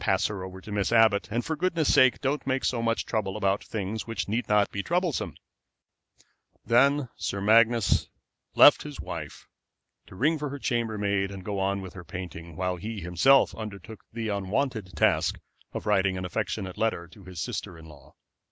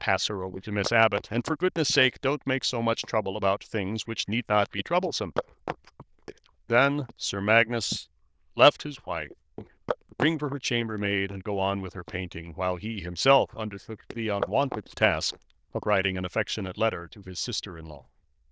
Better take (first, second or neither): first